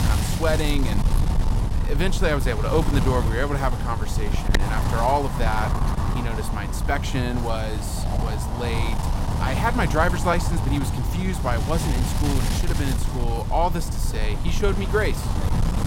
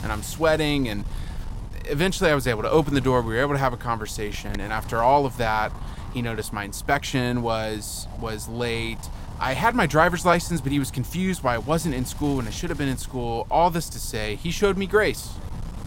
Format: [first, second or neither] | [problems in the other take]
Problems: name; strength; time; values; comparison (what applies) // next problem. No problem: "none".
second | wind noise on the microphone; heavy; 6 dB below the speech; occasional gusts in the second